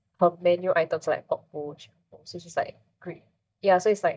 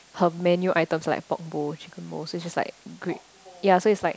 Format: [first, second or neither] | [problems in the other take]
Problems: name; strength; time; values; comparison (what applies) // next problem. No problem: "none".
second | noise reduction (neural mask model DeepFilterNet 3)